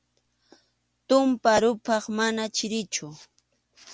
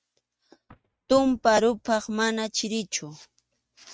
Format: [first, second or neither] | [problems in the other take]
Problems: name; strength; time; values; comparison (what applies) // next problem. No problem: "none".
first | noise reduction (neural mask model RNNoise)